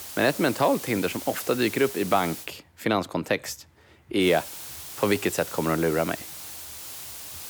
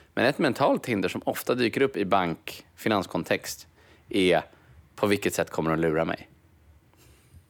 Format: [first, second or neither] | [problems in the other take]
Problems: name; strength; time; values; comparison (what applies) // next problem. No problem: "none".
second | hiss; noticeable; until 2.5 s and from 4 s on; 10 dB below the speech